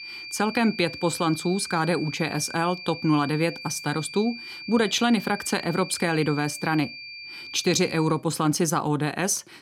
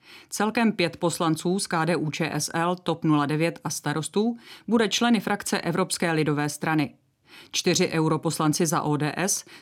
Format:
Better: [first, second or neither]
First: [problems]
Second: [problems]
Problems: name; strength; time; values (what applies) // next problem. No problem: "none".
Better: second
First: high-pitched whine; noticeable; until 8 s; 2.5 kHz, 10 dB below the speech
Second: none